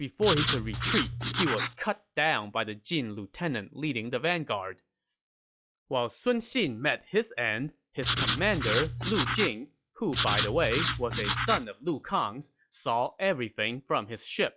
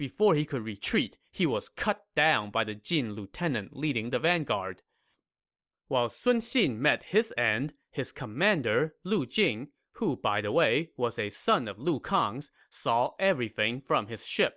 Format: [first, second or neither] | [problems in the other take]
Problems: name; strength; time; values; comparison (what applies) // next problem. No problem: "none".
second | noise reduction (classical method log-MMSE)